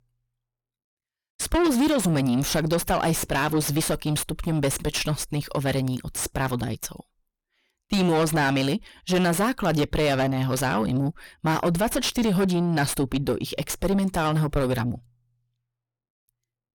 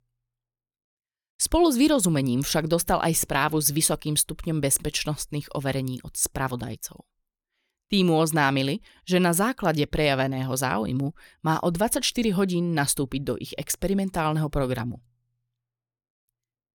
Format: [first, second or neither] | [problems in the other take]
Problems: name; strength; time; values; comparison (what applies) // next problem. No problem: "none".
second | distortion; heavy; 5 dB below the speech